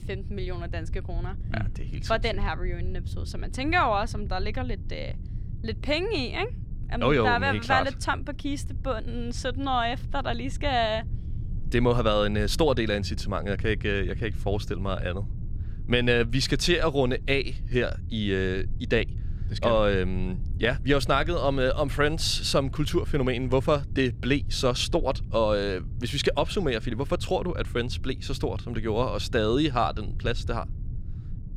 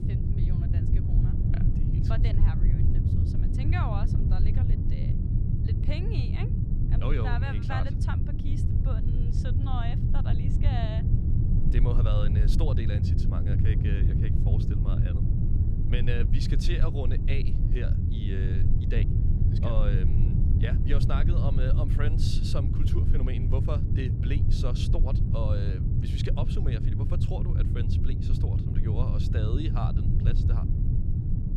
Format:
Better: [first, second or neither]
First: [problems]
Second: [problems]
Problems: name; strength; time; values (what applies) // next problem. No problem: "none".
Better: first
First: low rumble; faint; throughout; 25 dB below the speech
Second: low rumble; loud; throughout; 1 dB below the speech